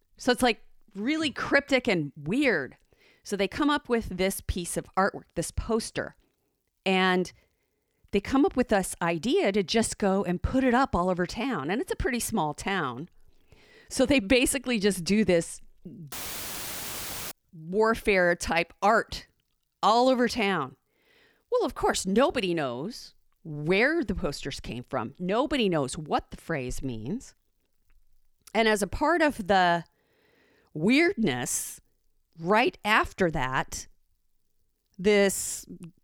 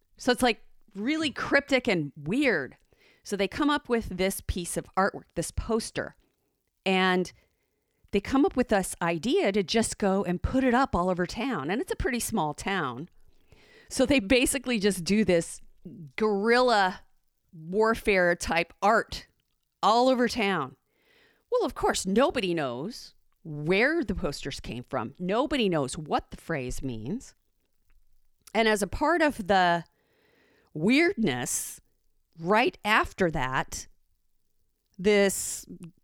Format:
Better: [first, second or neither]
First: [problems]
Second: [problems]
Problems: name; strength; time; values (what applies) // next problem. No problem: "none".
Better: second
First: audio cutting out; filled with static; at 16 s for 1 s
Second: none